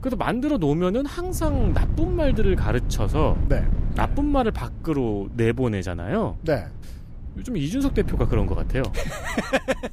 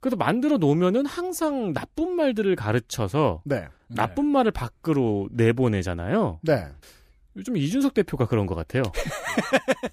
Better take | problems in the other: second | wind noise on the microphone; occasional gusts; 15 dB below the speech

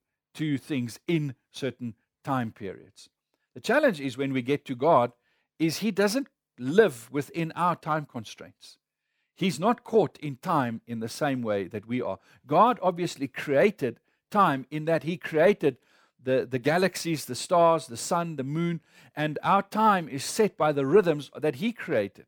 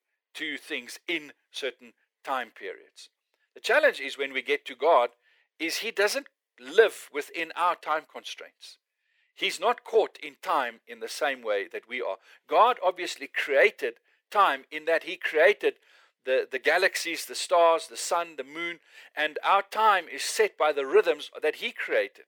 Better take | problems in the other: first | thin; very; fading below 450 Hz

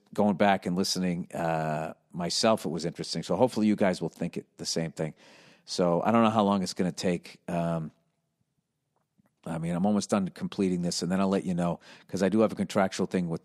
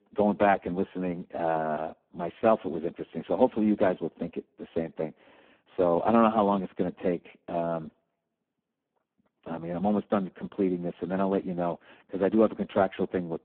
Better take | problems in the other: first | phone-call audio; poor line; nothing above 3.5 kHz

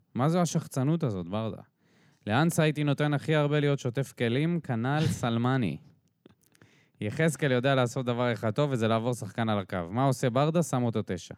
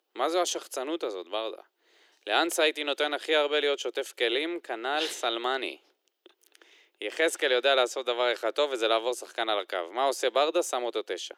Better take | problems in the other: first | thin; very; fading below 350 Hz

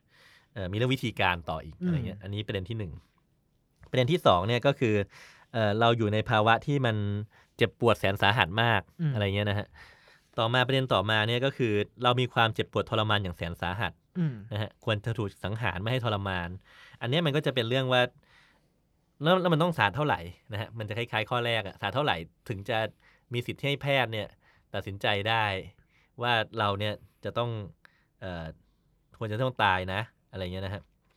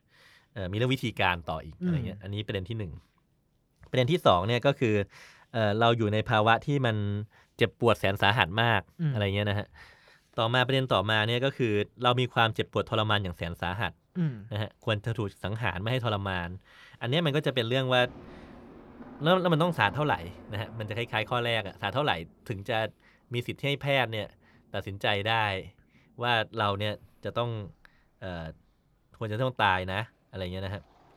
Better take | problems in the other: first | rain or running water; faint; throughout; 25 dB below the speech

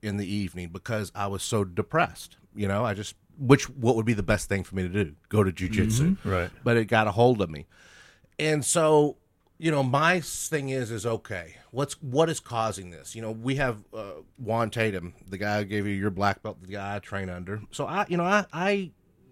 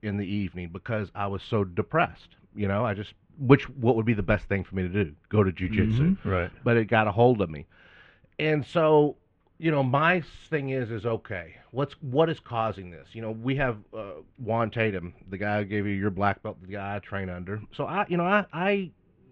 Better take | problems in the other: first | muffled; very; fading above 3 kHz

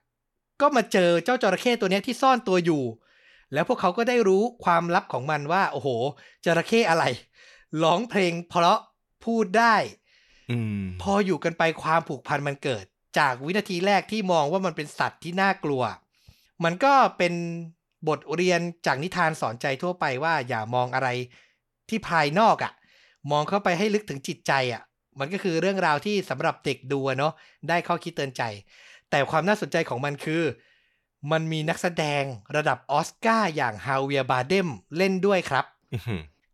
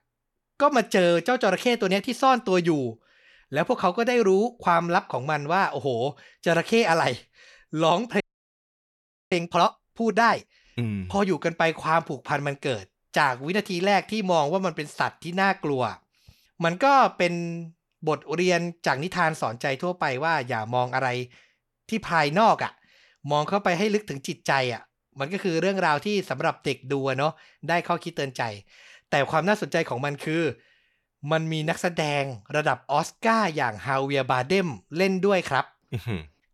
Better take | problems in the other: first | audio freezing; at 8 s for 1 s

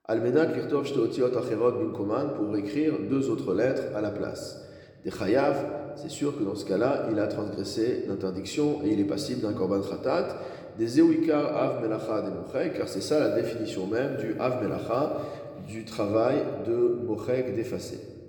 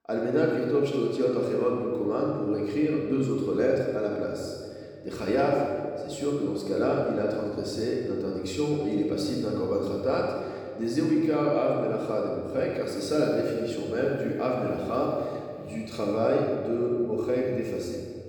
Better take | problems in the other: first | room echo; strong; dies away in 1.8 s; slight in the first // off-mic speech; far

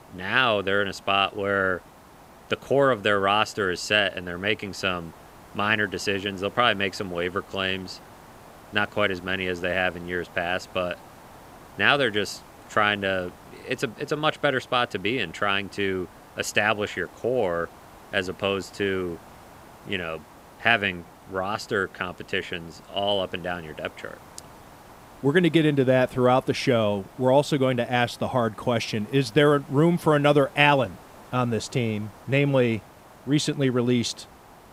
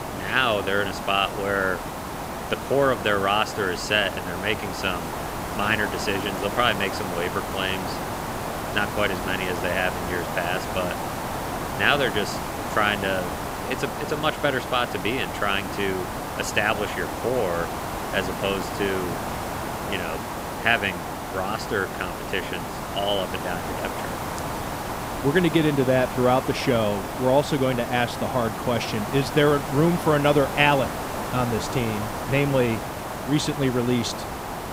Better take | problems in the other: first | hiss; loud; throughout; 6 dB below the speech; faint in the first

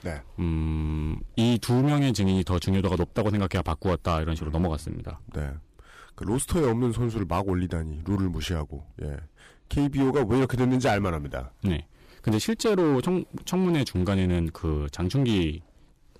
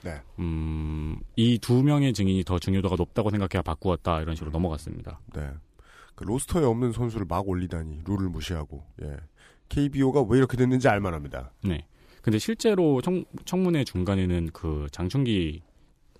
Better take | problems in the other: second | distortion; slight; 9% of the sound clipped

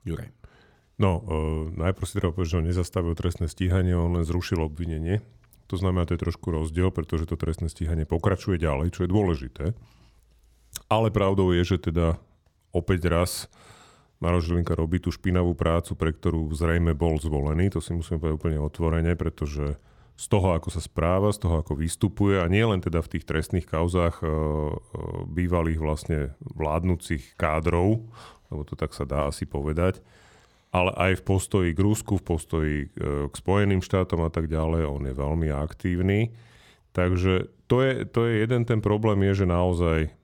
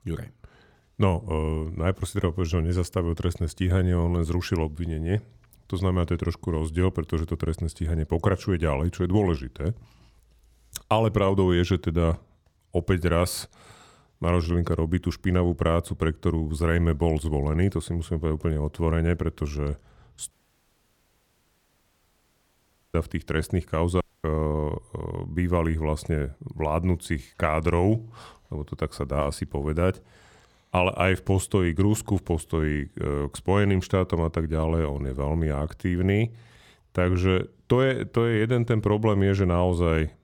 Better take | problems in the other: first | audio cutting out; at 20 s for 2.5 s and at 24 s

